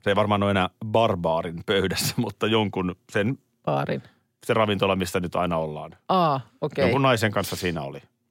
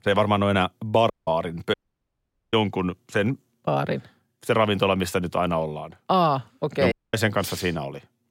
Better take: first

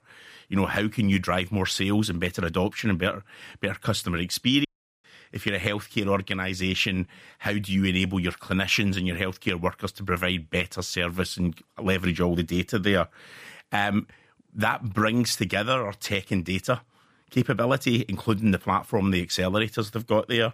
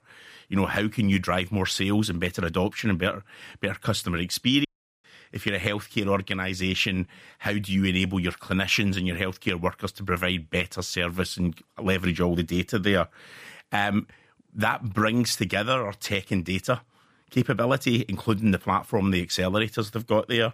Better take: neither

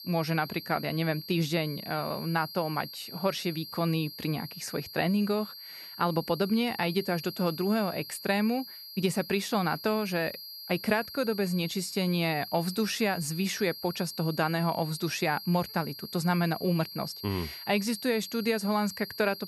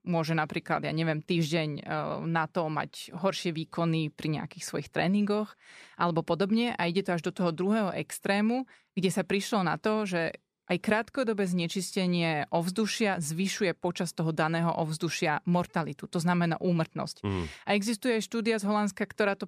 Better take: second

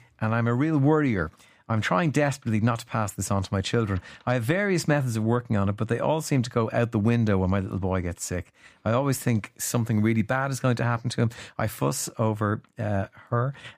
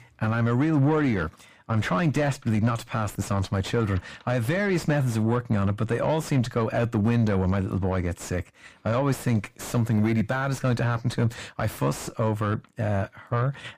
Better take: first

